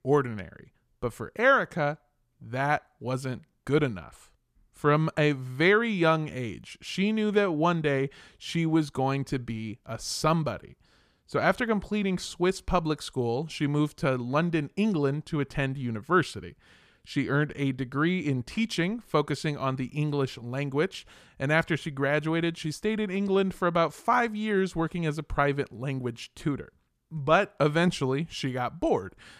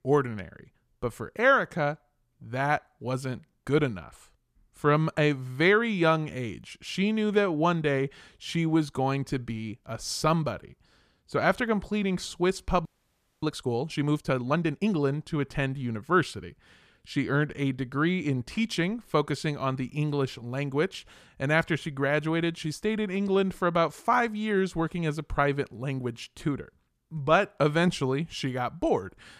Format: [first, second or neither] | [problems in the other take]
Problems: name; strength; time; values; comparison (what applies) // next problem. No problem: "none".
first | audio freezing; at 13 s for 0.5 s